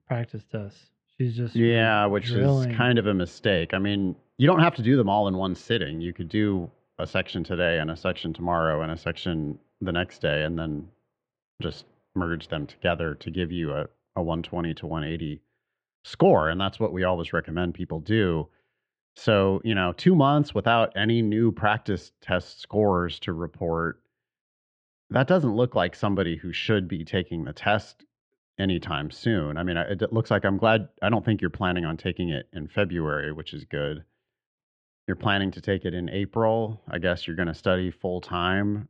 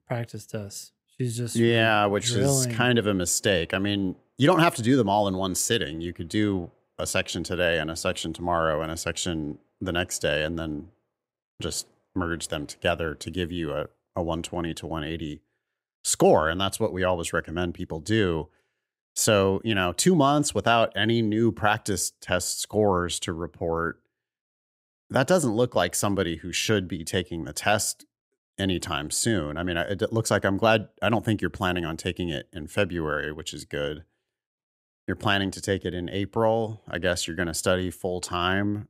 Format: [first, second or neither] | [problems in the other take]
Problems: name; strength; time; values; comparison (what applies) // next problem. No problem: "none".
second | muffled; very; fading above 3.5 kHz